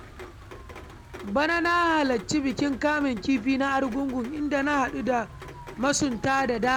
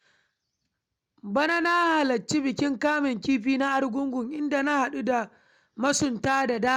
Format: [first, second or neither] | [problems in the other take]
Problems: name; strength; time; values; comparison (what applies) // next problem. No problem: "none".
second | background sound (Rain); 16 dB below the speech